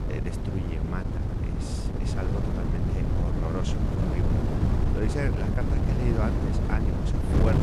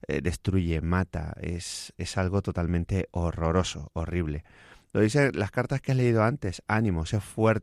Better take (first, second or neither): second